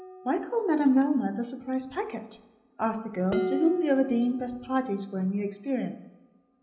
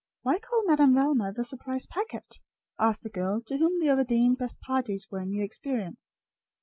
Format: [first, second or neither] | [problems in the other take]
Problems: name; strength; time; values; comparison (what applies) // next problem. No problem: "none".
second | background sound (Dishes, pots, and pans); 11 dB below the speech // room echo; dies away in 0.8 s